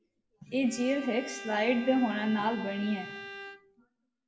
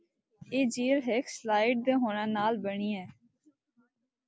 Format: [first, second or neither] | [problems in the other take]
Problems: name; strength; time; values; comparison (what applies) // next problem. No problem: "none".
second | background sound (Bowed string instrument); 13 dB below the speech // room echo; dies away in 0.8 s